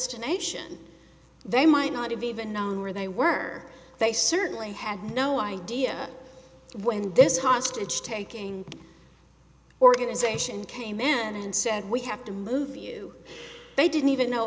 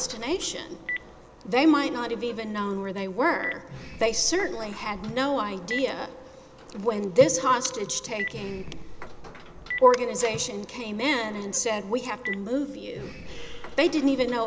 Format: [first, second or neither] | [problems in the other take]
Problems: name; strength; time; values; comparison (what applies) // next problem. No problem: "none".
first | background sound (Sliding door + Telephone); 13 dB below the speech